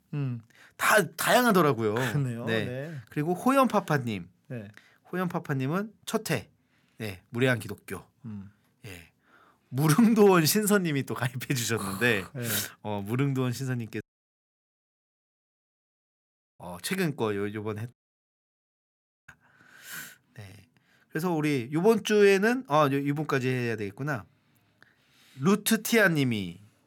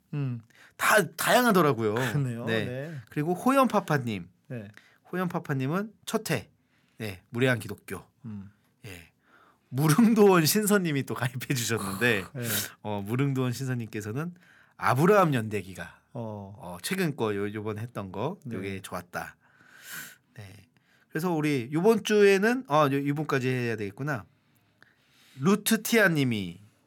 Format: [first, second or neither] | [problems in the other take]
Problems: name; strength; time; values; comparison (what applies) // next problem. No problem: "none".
second | audio cutting out; at 14 s for 2.5 s and at 18 s for 1.5 s